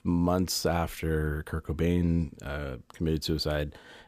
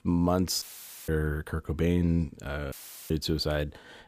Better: first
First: none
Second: audio cutting out; filled with static; at 0.5 s and at 2.5 s

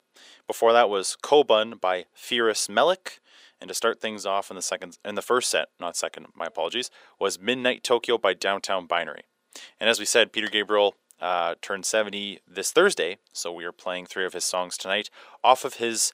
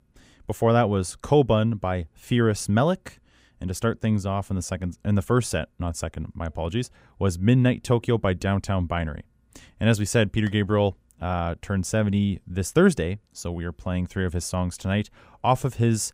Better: second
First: thin; very; fading below 450 Hz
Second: none

